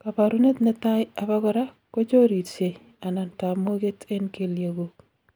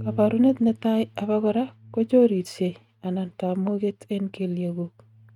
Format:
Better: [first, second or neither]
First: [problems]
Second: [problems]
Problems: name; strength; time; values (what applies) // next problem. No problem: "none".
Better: first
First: none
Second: noise reduction (neural mask model RNNoise)